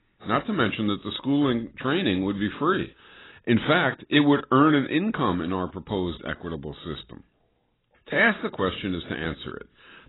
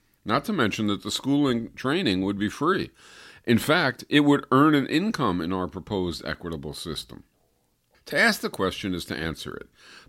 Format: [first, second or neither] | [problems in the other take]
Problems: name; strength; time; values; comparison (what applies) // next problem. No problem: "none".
second | garbled, watery; badly; nothing above 4 kHz